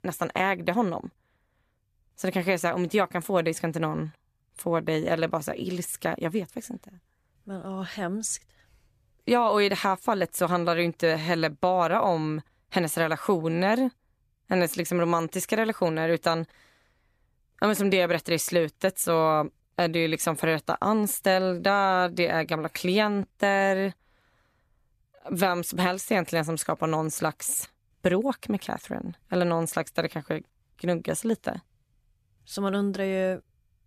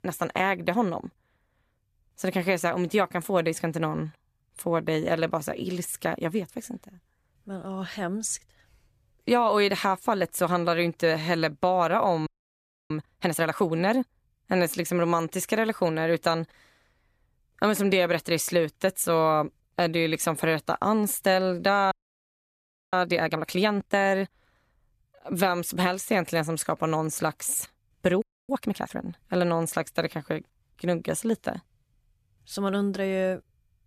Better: first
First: none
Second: audio freezing; at 12 s for 0.5 s, at 22 s for 1 s and at 28 s

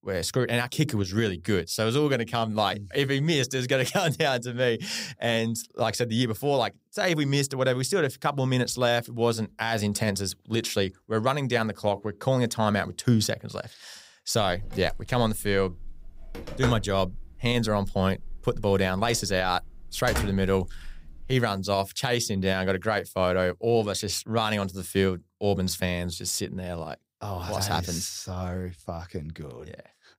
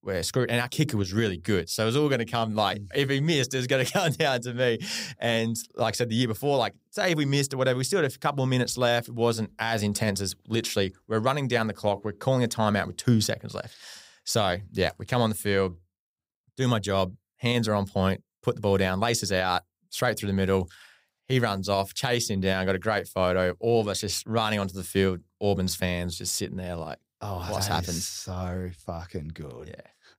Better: second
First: phone ringing; noticeable; from 14 to 21 s; peak 4 dB below the speech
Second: none

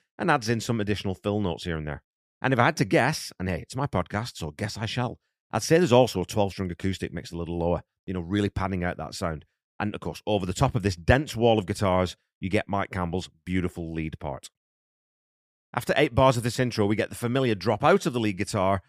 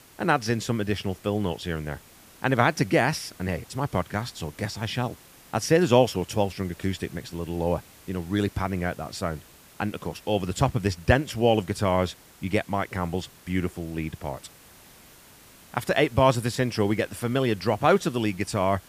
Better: first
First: none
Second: hiss; faint; throughout; 25 dB below the speech

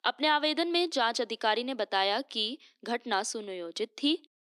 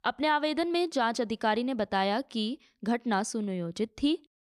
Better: second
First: thin; very slightly; fading below 250 Hz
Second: none

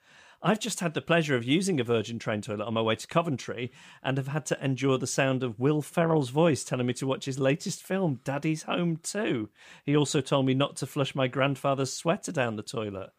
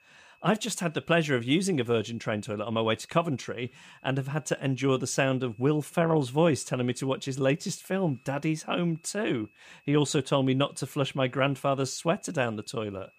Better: first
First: none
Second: high-pitched whine; faint; throughout; 2.5 kHz, 30 dB below the speech

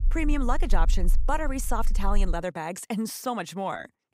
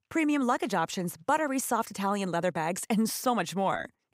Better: second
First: low rumble; faint; until 2.5 s; 25 dB below the speech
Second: none

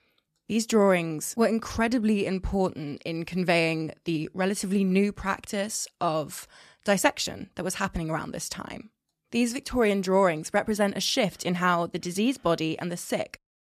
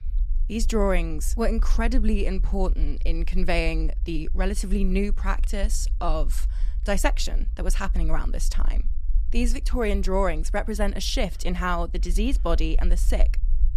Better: first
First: none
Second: low rumble; faint; throughout; 25 dB below the speech

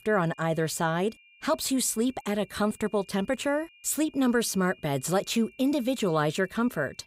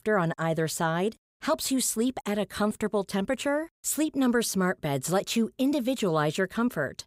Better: second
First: high-pitched whine; faint; throughout; 2.5 kHz, 25 dB below the speech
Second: none

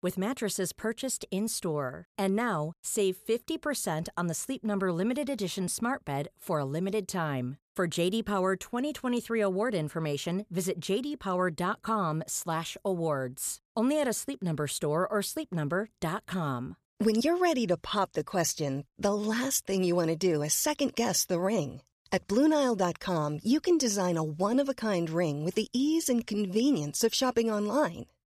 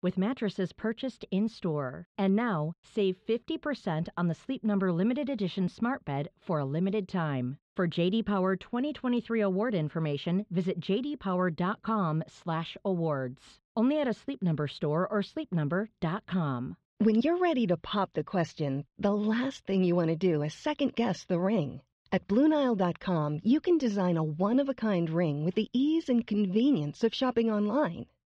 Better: first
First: none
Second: muffled; slightly; fading above 3.5 kHz

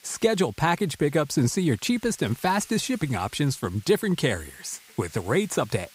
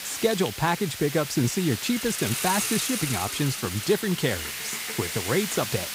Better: first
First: hiss; faint; throughout; 25 dB below the speech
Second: hiss; loud; throughout; 3 dB below the speech

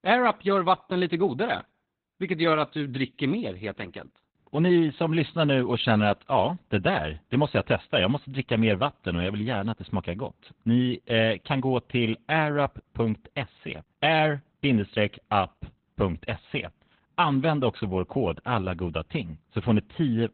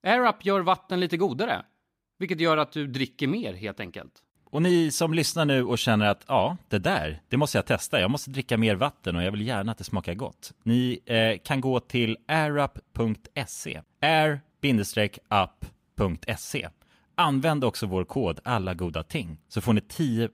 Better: second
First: garbled, watery; badly; nothing above 4 kHz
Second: none

